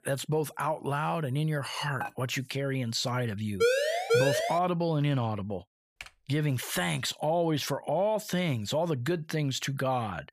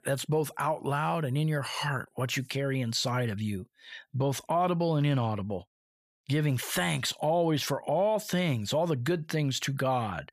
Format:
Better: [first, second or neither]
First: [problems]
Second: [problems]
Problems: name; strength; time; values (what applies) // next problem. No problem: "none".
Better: second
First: clattering dishes; noticeable; at 2 s; peak 10 dB below the speech // siren; loud; at 3.5 s; peak 5 dB above the speech // keyboard typing; faint; at 6 s; peak 15 dB below the speech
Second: none